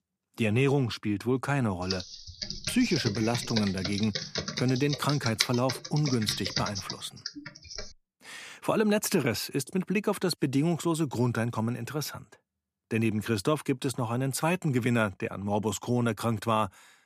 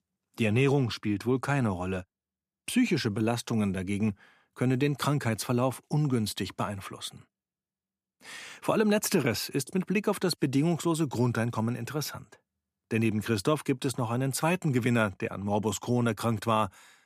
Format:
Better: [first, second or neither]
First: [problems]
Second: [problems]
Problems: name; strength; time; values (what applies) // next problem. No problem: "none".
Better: second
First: keyboard typing; loud; from 2 to 8 s; peak level with the speech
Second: none